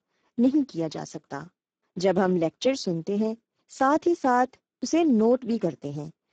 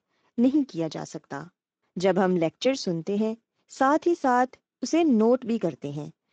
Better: second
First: garbled, watery; badly; nothing above 7.5 kHz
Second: garbled, watery; slightly

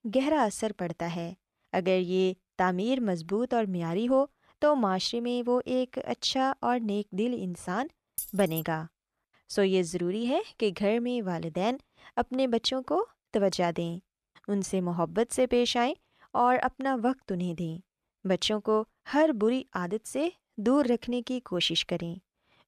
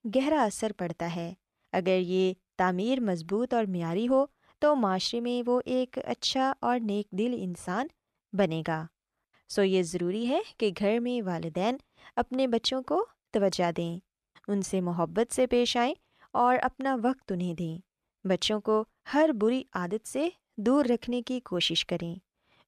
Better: second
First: jangling keys; noticeable; at 8 s; peak 7 dB below the speech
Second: none

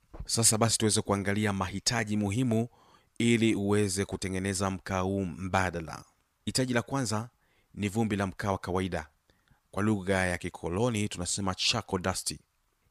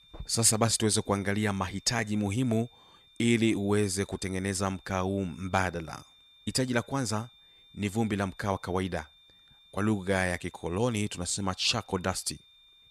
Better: first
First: none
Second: high-pitched whine; faint; throughout; 3.5 kHz, 25 dB below the speech

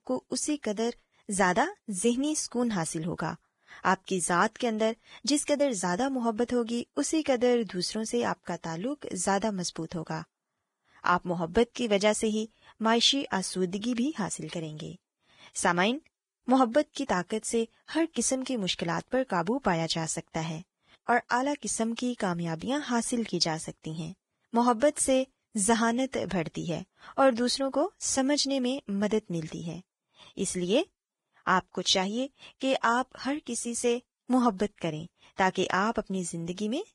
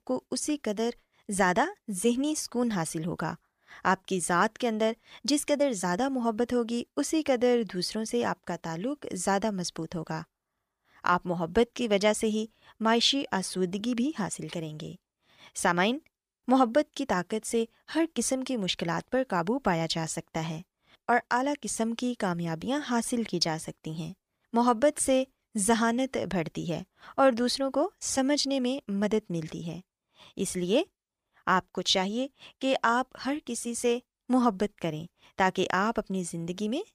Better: second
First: garbled, watery; badly; nothing above 10 kHz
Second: none

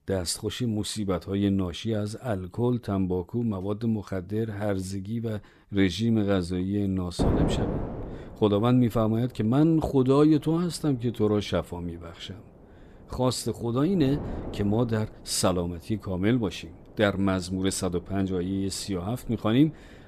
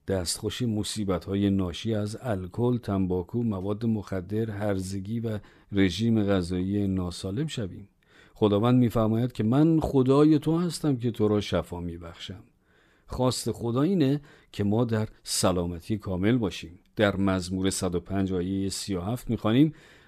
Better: second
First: wind noise on the microphone; heavy; from 7 s on; 7 dB below the speech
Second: none

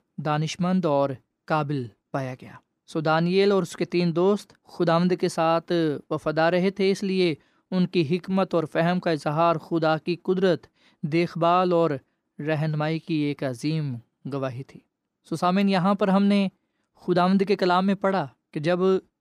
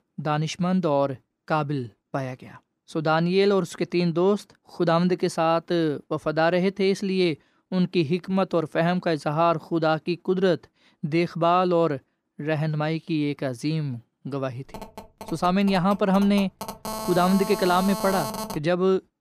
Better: first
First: none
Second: phone ringing; noticeable; from 15 to 19 s; peak 6 dB below the speech

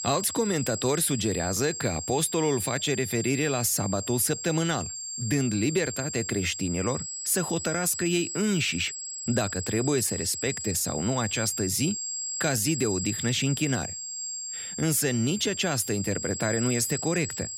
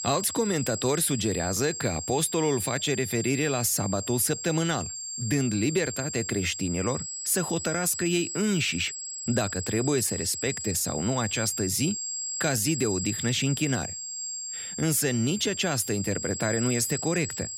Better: neither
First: high-pitched whine; loud; throughout; 7.5 kHz, 5 dB below the speech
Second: high-pitched whine; loud; throughout; 7.5 kHz, 5 dB below the speech

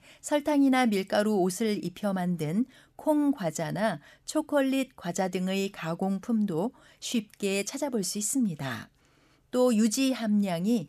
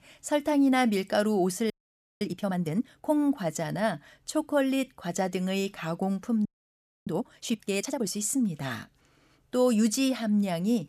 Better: first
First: none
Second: audio freezing; at 1.5 s for 0.5 s and at 6.5 s for 0.5 s

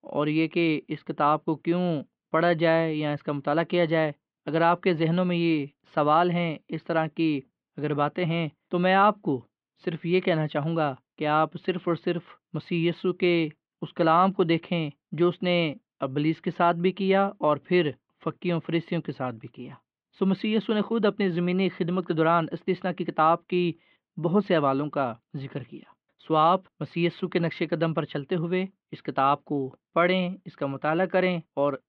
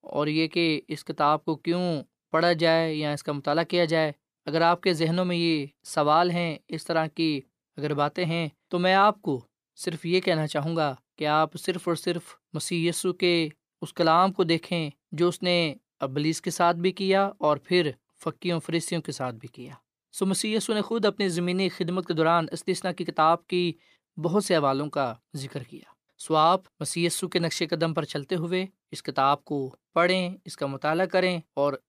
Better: second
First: muffled; very; fading above 3 kHz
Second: none

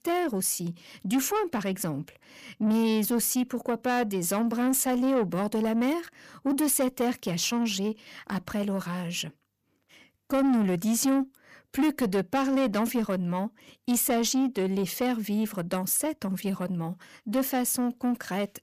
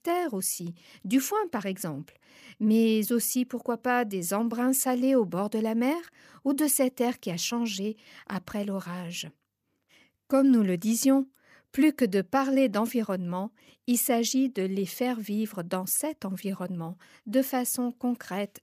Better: second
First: distortion; slight; 10 dB below the speech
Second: none

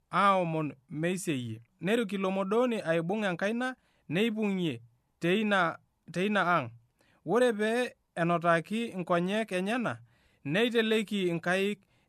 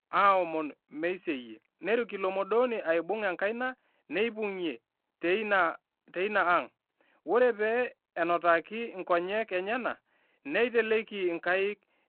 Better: first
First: none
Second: phone-call audio

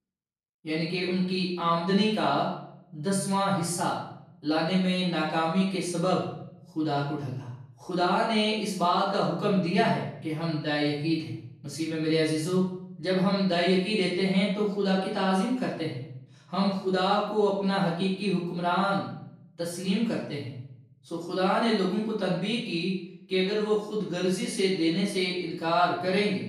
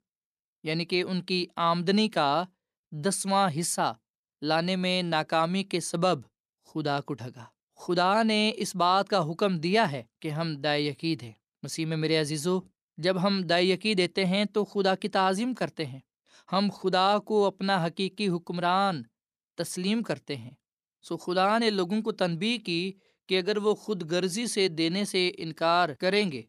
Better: second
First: room echo; noticeable; dies away in 0.7 s // off-mic speech; far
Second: none

